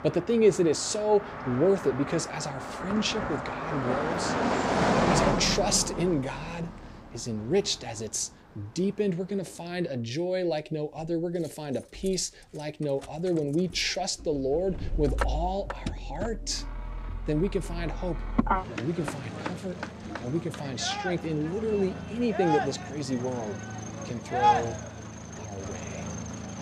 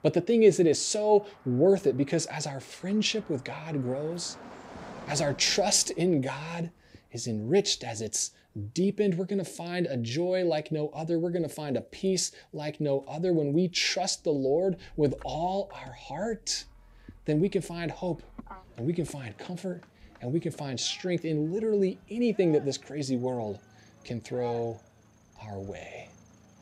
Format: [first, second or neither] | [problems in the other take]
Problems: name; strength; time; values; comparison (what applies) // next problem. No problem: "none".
second | traffic noise; loud; throughout; 3 dB below the speech; faint in the second